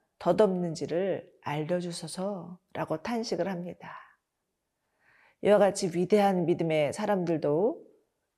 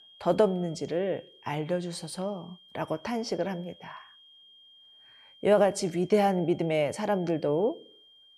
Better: first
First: none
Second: high-pitched whine; faint; throughout; 3 kHz, 25 dB below the speech

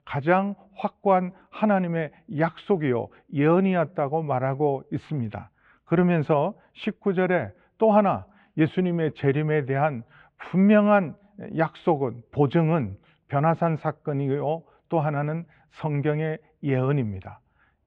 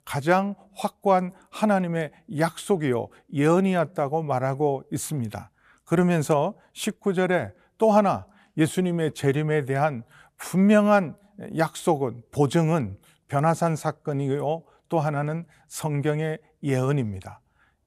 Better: second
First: muffled; very; fading above 3 kHz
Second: none

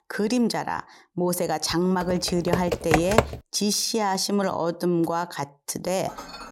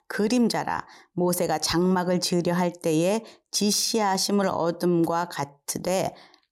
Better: second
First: keyboard typing; loud; from 2 to 3 s; peak 3 dB above the speech // clattering dishes; faint; at 6 s; peak 15 dB below the speech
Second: none

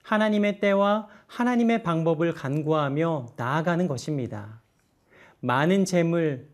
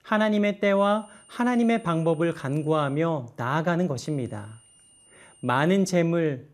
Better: first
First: none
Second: high-pitched whine; faint; from 1 to 3 s and from 4 to 5.5 s; 9 kHz, 30 dB below the speech

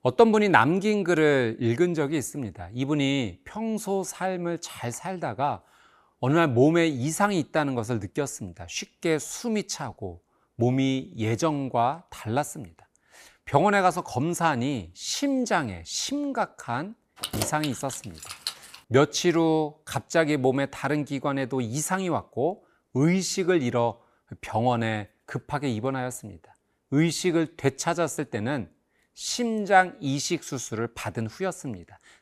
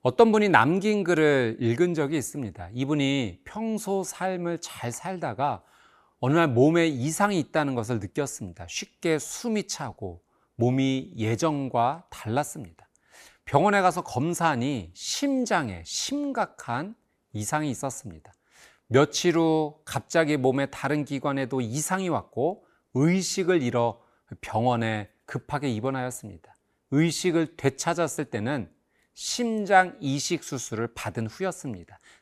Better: second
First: jangling keys; noticeable; from 17 to 19 s; peak 5 dB below the speech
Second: none

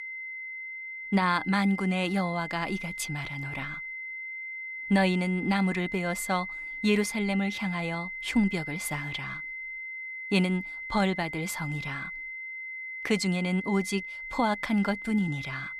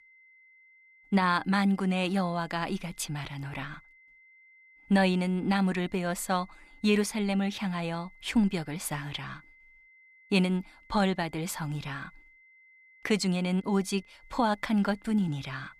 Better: second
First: high-pitched whine; loud; throughout; 2 kHz, 7 dB below the speech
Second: high-pitched whine; faint; throughout; 2 kHz, 25 dB below the speech

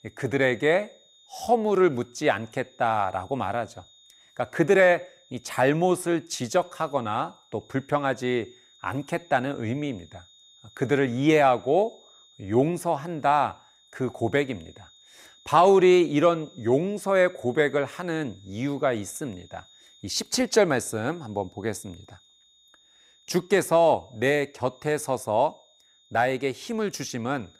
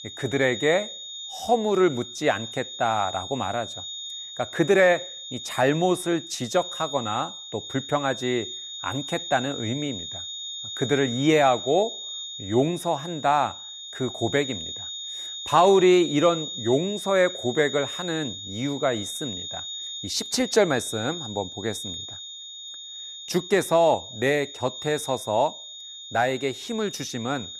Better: first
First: high-pitched whine; faint; throughout; 3.5 kHz, 30 dB below the speech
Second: high-pitched whine; loud; throughout; 3.5 kHz, 9 dB below the speech

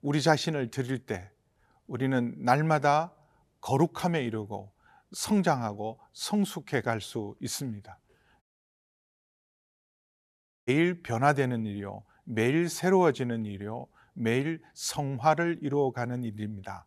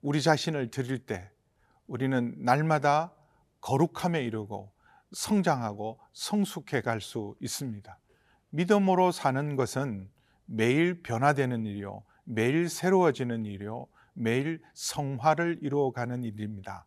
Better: second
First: audio cutting out; at 8.5 s for 2.5 s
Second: none

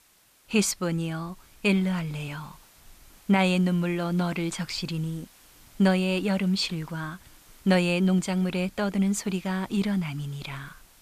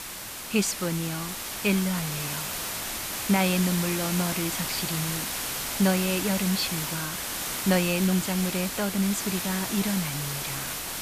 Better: first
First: hiss; faint; throughout; 25 dB below the speech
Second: hiss; loud; throughout; 2 dB below the speech

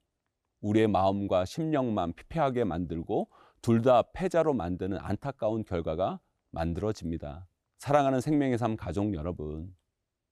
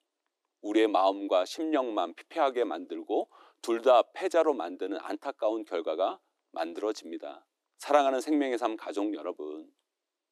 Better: first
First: none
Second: thin; somewhat; fading below 300 Hz

